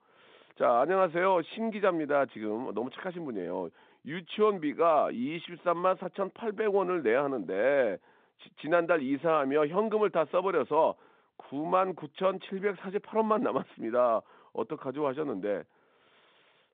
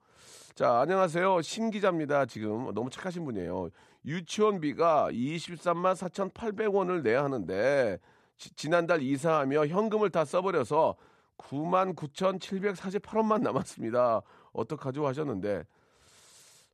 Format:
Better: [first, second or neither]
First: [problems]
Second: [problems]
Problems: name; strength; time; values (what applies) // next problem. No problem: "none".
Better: second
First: phone-call audio; nothing above 3.5 kHz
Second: none